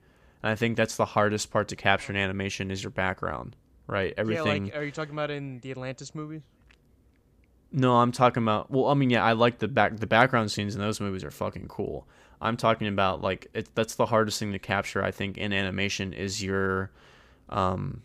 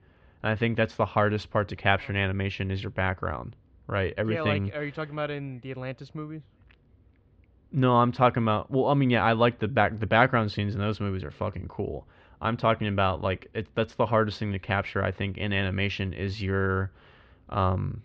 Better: first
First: none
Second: muffled; slightly; fading above 3.5 kHz

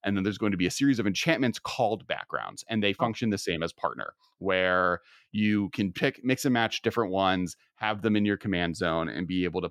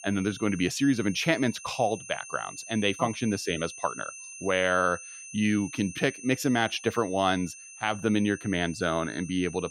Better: first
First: none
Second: high-pitched whine; noticeable; throughout; 6.5 kHz, 15 dB below the speech

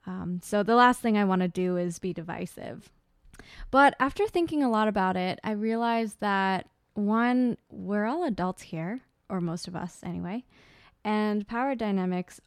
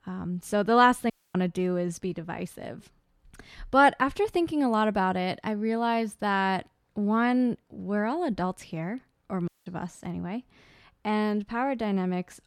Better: first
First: none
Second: audio cutting out; at 1 s and at 9.5 s

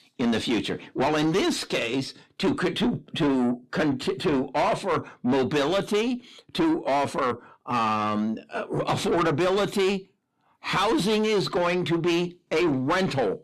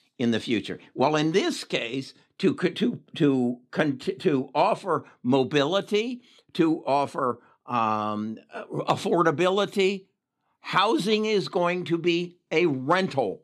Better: second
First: distortion; heavy; 7 dB below the speech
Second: none

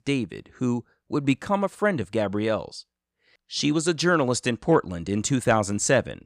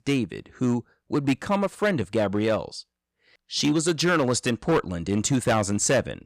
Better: first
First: none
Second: distortion; slight; 6% of the sound clipped

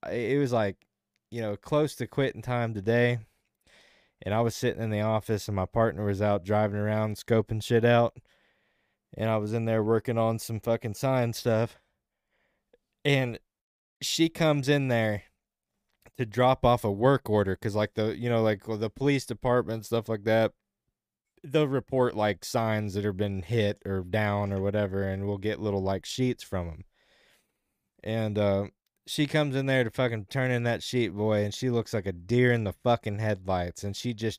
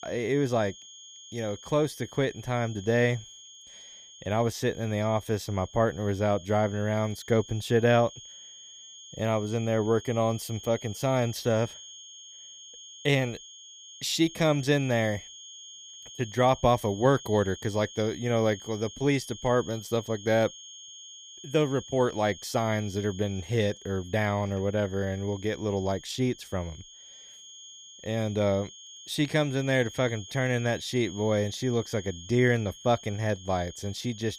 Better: first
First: none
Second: high-pitched whine; noticeable; throughout; 3 kHz, 15 dB below the speech

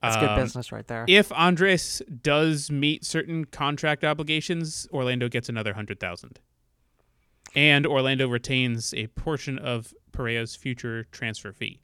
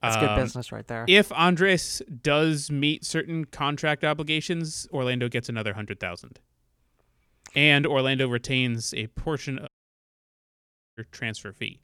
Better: first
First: none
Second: audio cutting out; at 9.5 s for 1.5 s

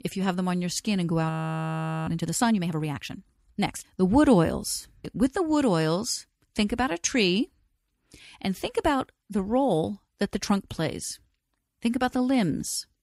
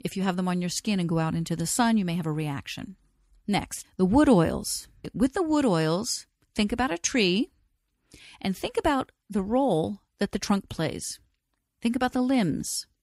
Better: second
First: audio freezing; at 1.5 s for 1 s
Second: none

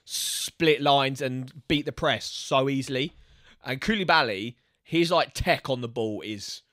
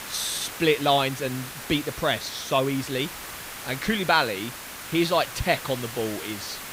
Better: first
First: none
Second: hiss; loud; throughout; 10 dB below the speech

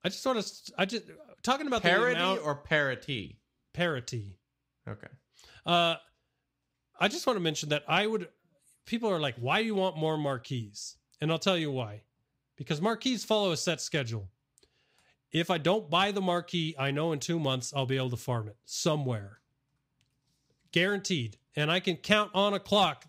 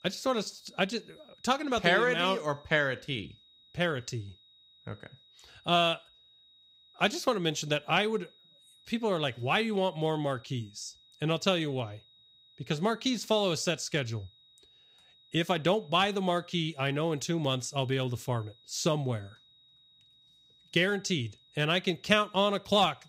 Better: first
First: none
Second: high-pitched whine; faint; throughout; 4 kHz, 30 dB below the speech

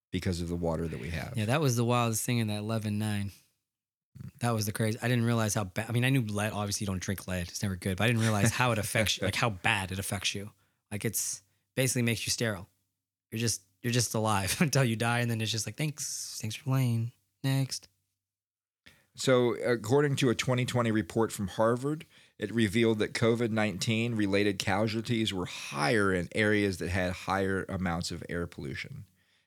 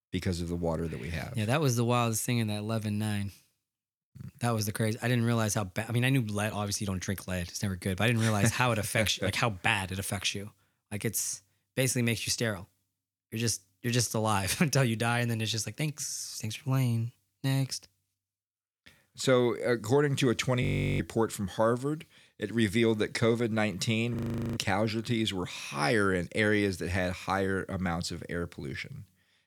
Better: first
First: none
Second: audio freezing; at 21 s and at 24 s

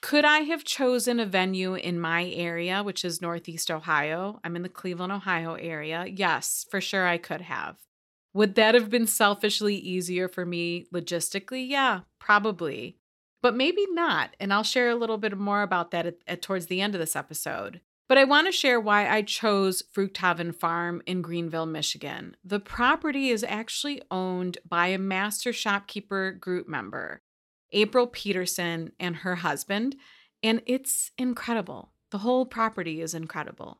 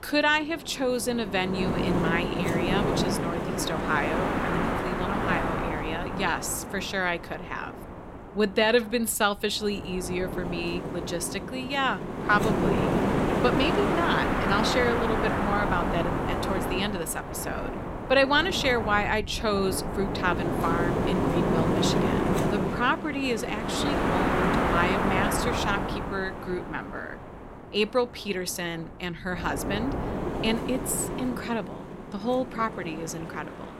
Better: first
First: none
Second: wind noise on the microphone; heavy; 2 dB below the speech

